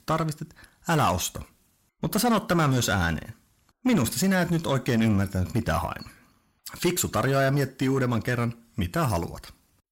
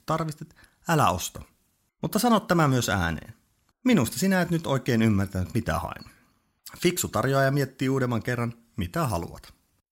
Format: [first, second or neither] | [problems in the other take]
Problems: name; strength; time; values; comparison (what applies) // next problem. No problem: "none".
second | distortion; slight; 10 dB below the speech